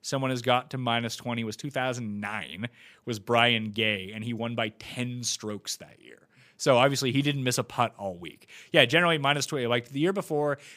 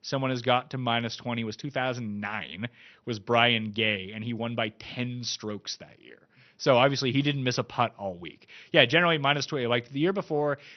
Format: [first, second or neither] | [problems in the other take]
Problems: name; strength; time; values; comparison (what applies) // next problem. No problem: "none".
first | garbled, watery; slightly; nothing above 6 kHz